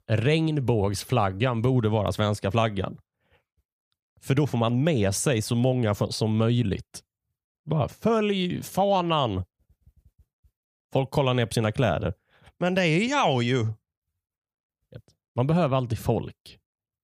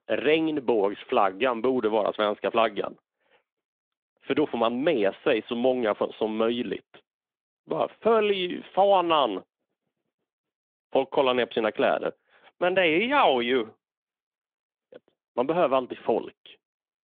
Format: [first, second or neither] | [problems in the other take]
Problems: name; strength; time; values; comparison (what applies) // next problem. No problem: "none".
first | phone-call audio; nothing above 3.5 kHz